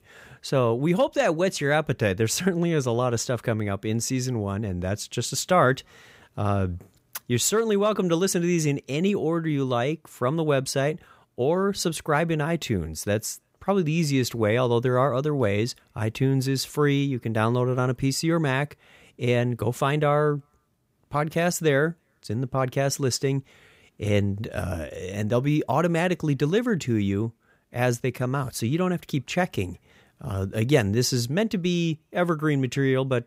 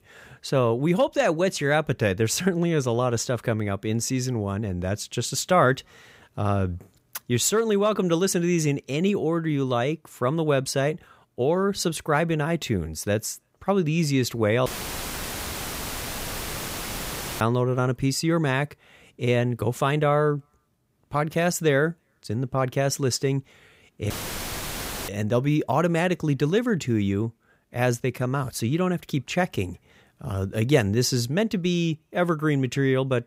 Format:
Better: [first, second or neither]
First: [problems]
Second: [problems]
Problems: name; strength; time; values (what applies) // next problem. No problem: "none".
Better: first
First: none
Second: audio cutting out; filled with static; at 15 s for 3 s and at 24 s for 1 s